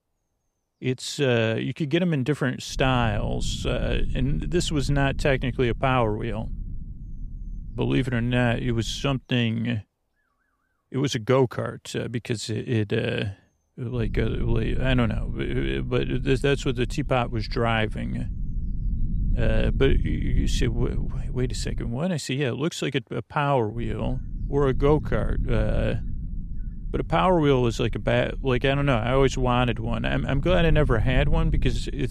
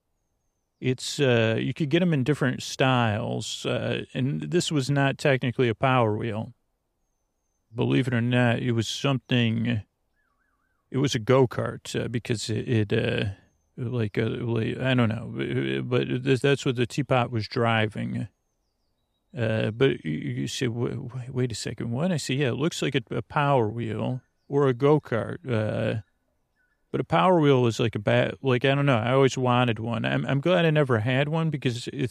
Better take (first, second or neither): second